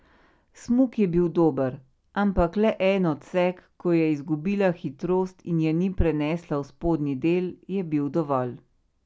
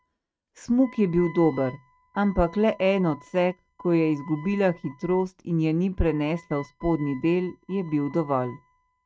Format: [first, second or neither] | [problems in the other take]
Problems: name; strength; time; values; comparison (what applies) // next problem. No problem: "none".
first | noise reduction (neural mask model RNNoise)